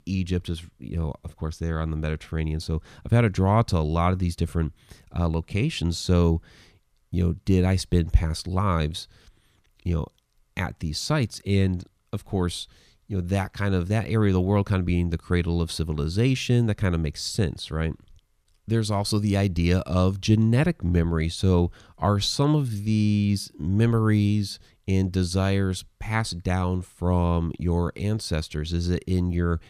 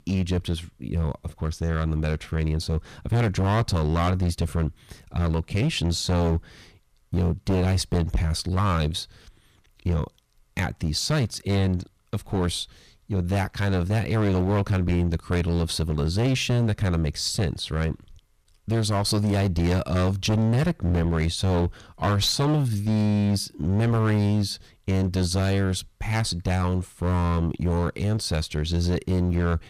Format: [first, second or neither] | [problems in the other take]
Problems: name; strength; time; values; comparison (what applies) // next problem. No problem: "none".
first | distortion; heavy; 14% of the sound clipped